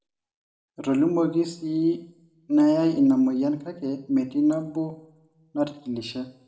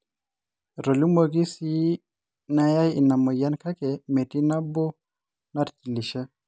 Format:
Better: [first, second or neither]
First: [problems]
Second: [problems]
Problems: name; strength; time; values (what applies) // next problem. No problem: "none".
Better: second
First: room echo; dies away in 0.7 s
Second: none